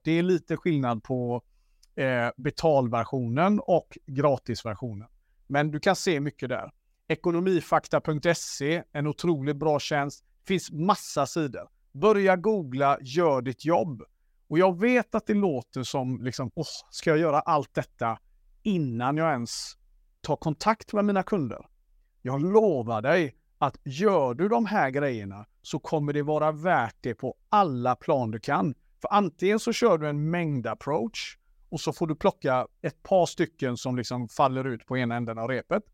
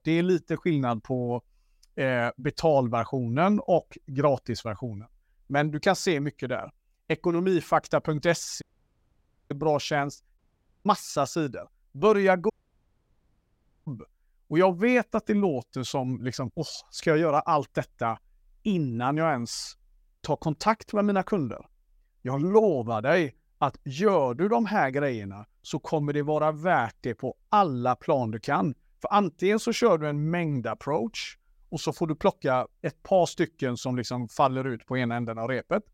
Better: first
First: none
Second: audio cutting out; at 8.5 s for 1 s, at 10 s and at 13 s for 1.5 s

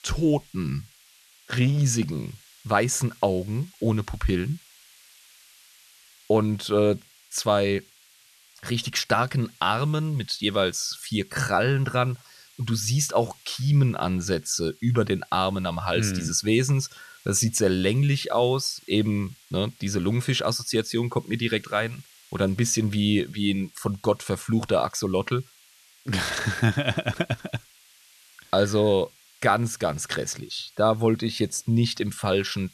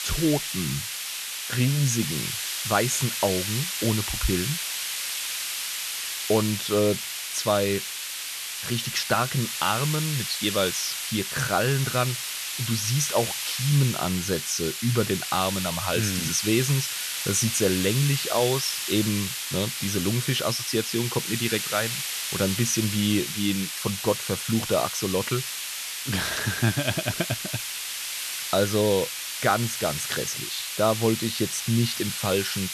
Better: first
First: hiss; faint; throughout; 25 dB below the speech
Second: hiss; loud; throughout; 3 dB below the speech

